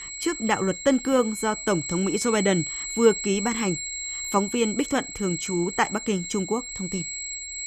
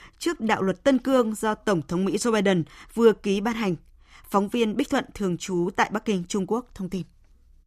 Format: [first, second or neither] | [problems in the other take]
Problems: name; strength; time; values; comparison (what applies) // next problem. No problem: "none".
second | high-pitched whine; loud; throughout; 7.5 kHz, 6 dB below the speech